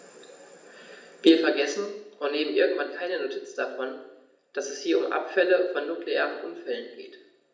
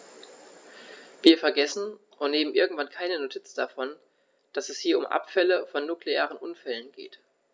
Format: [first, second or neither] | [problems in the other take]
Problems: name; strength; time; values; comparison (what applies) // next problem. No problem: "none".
second | room echo; dies away in 0.8 s